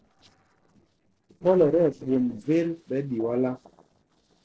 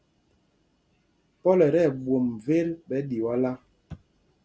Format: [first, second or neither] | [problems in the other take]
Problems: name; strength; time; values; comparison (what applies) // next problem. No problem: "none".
second | noise reduction (neural separator model SepFormer DNS4)